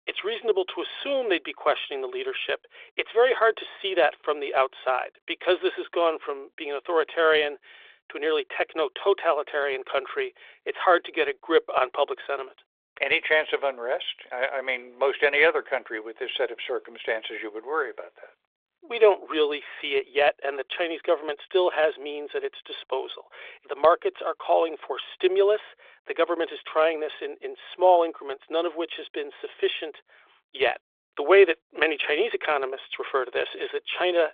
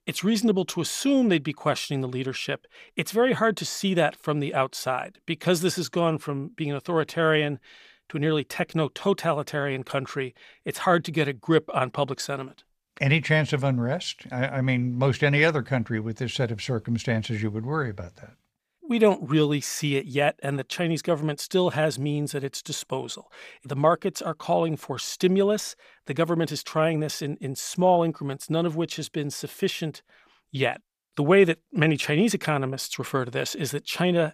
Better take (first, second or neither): second